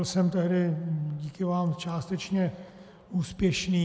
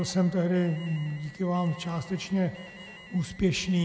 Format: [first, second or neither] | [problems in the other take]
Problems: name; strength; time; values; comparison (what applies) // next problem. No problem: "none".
first | background sound (Alarm); 20 dB below the speech